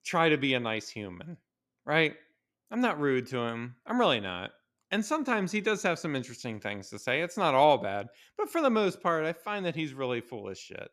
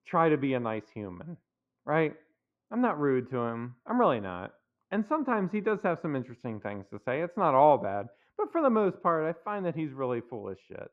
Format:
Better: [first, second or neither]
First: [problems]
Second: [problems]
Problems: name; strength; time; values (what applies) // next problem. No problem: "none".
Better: first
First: none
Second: muffled; very; fading above 3 kHz